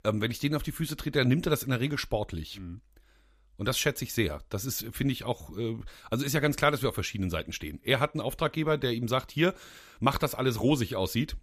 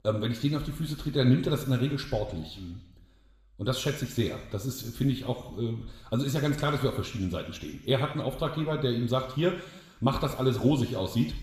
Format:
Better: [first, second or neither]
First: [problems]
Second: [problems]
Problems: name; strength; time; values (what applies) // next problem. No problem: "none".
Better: first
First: none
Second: room echo; noticeable; dies away in 0.9 s // off-mic speech; somewhat distant